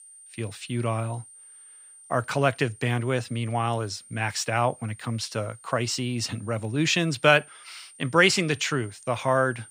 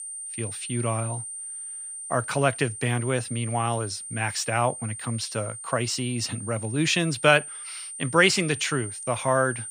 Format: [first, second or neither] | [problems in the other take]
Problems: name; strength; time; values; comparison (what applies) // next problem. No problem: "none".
first | high-pitched whine; loud; throughout; 9 kHz, 9 dB below the speech; faint in the first